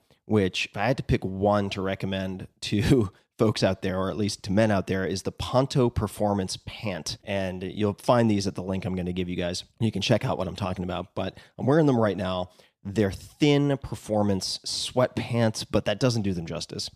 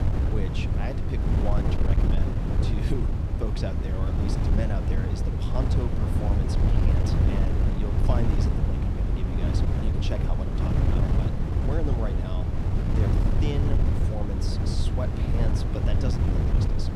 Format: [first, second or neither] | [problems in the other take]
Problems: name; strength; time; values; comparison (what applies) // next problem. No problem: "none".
first | wind noise on the microphone; heavy; 3 dB above the speech